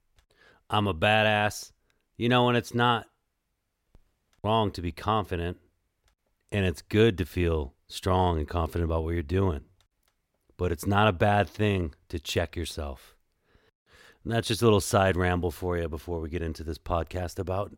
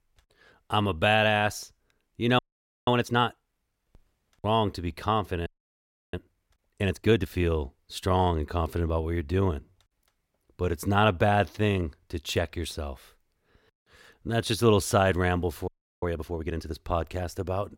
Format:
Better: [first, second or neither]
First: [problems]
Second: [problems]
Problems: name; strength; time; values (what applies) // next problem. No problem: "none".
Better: first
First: none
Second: audio freezing; at 2.5 s, at 5.5 s for 0.5 s and at 16 s